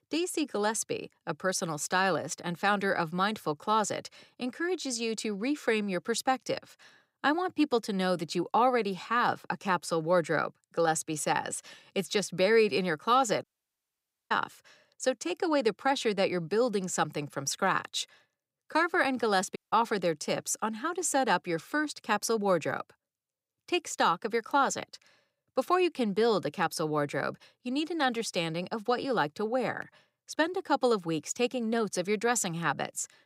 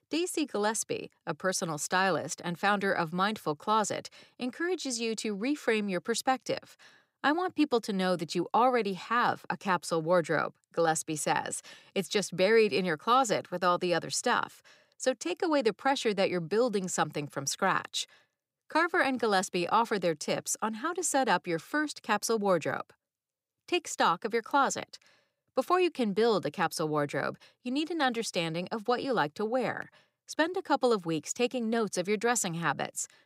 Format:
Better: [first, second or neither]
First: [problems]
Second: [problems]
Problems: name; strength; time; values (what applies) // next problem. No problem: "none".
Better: second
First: audio cutting out; at 13 s for 1 s and at 20 s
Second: none